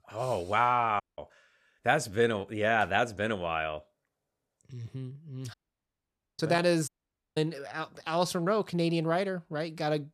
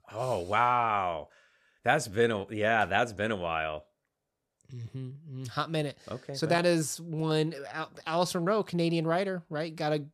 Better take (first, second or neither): second